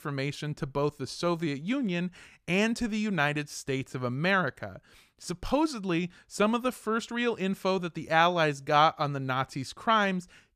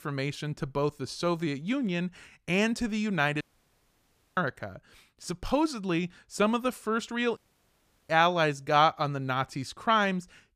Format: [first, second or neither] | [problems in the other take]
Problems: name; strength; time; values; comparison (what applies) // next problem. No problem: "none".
first | audio cutting out; at 3.5 s for 1 s and at 7.5 s for 0.5 s